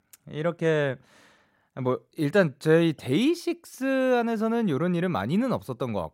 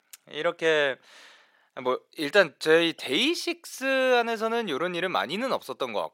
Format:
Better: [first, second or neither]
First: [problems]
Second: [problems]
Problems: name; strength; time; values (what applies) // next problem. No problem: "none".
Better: first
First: none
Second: thin; somewhat; fading below 450 Hz